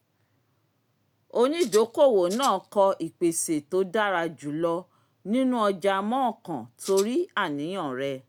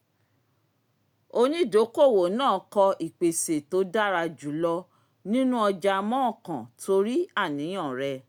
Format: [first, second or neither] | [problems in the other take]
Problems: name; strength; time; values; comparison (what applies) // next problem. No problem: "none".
second | background sound (Rattle (instrument)); 14 dB below the speech